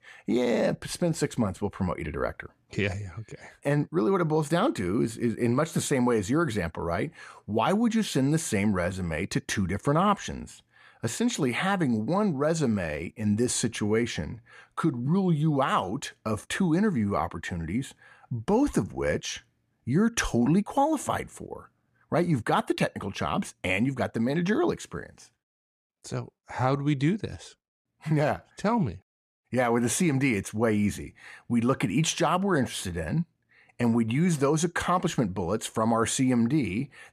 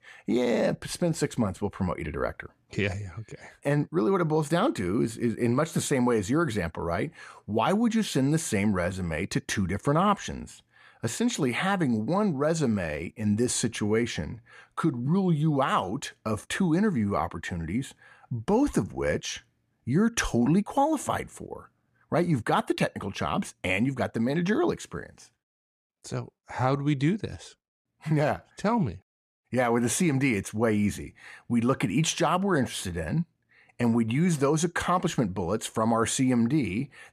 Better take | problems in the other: neither | none

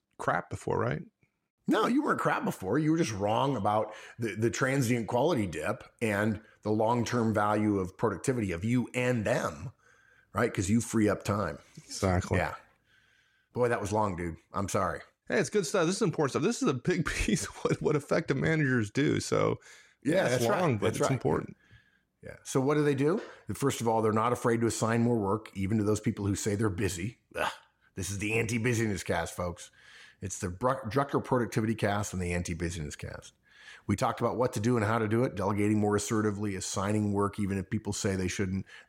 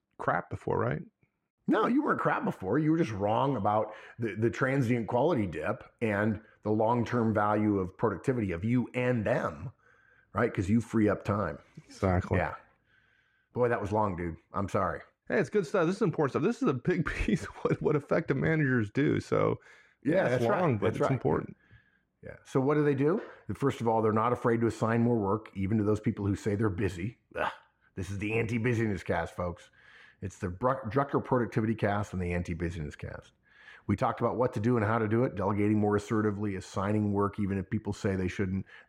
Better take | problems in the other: first | muffled; slightly; fading above 3.5 kHz

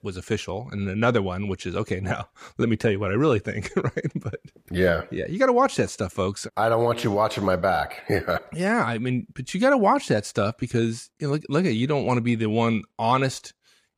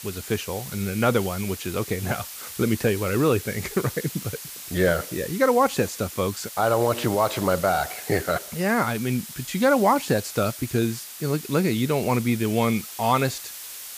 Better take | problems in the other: first | hiss; noticeable; throughout; 10 dB below the speech

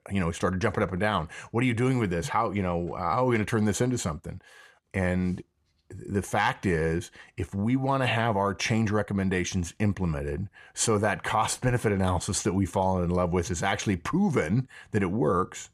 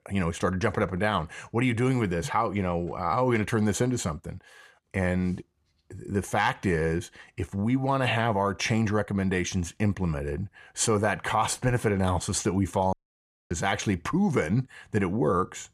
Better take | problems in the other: first | audio cutting out; at 13 s for 0.5 s

